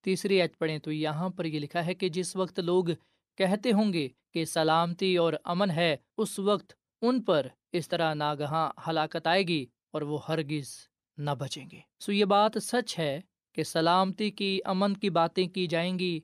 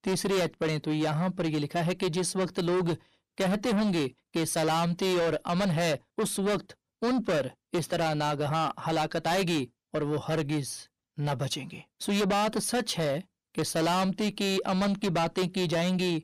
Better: first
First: none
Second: distortion; heavy; 6 dB below the speech

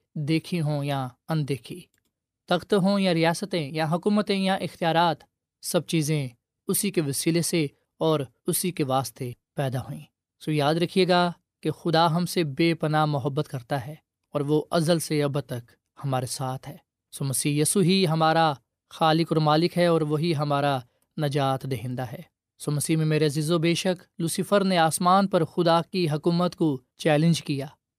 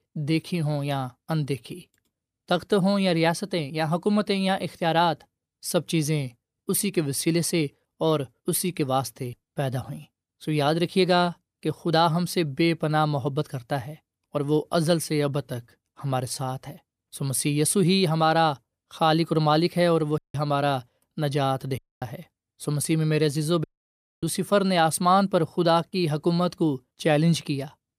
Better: first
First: none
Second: audio cutting out; at 20 s, at 22 s and at 24 s for 0.5 s

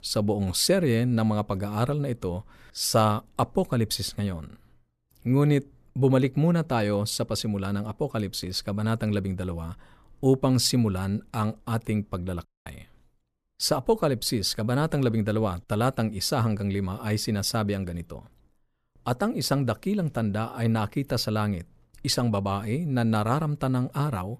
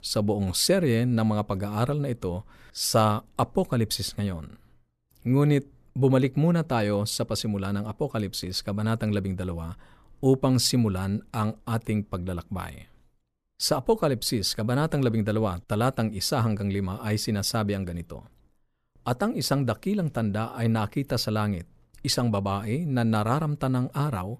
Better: second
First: audio cutting out; at 12 s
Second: none

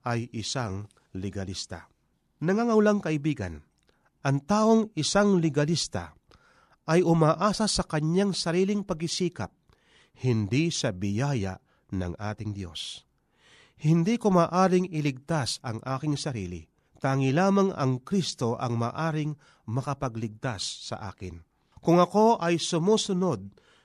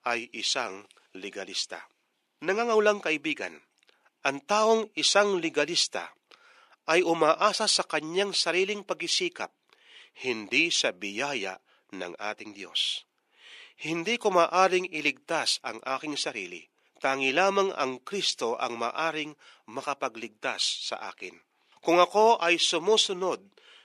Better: first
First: none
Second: thin; very; fading below 350 Hz

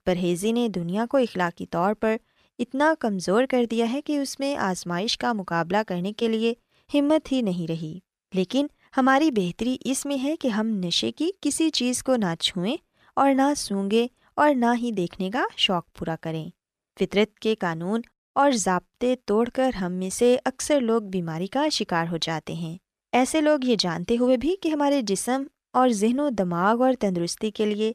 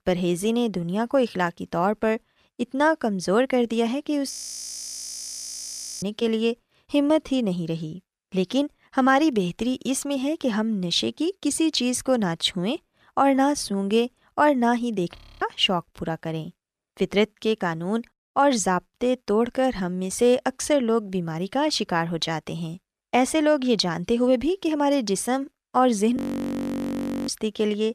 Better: first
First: none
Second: audio freezing; at 4.5 s for 1.5 s, at 15 s and at 26 s for 1 s

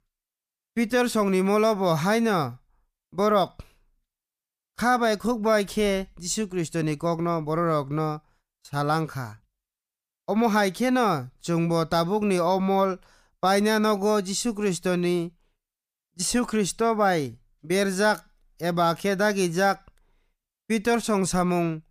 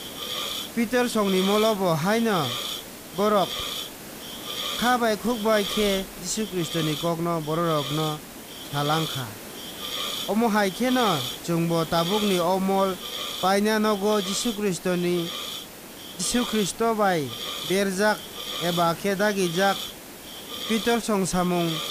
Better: first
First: none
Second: hiss; loud; throughout; 7 dB below the speech

